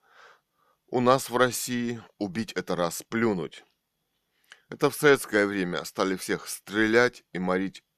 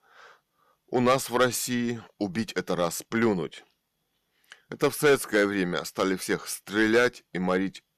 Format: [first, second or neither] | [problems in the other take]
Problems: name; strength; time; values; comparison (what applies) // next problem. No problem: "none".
first | distortion; slight; 1.5% of the sound clipped